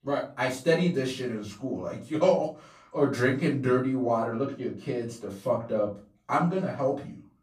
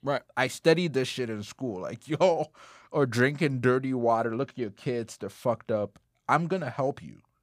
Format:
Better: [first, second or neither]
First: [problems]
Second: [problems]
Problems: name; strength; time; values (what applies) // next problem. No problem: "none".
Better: second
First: off-mic speech; far // room echo; slight; dies away in 0.3 s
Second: none